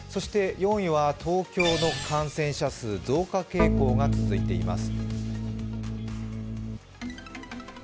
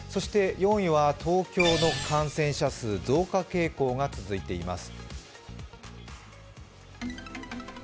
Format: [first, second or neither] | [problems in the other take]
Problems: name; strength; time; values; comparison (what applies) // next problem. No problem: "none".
second | background sound (Organ); 2 dB above the speech